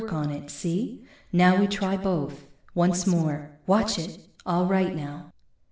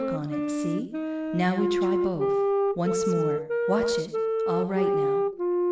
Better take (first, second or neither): first